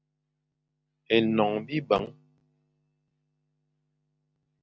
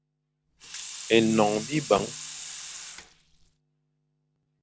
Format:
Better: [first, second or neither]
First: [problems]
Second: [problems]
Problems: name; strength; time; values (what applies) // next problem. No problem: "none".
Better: first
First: none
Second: background sound (Sink (filling or washing) / Water tap, faucet); 11 dB below the speech